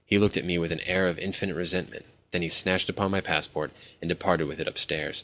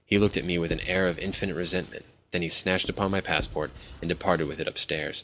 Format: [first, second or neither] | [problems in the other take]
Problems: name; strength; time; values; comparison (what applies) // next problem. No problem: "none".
first | background sound (Writing); 14 dB below the speech